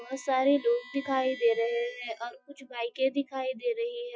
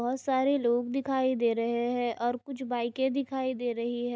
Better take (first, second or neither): second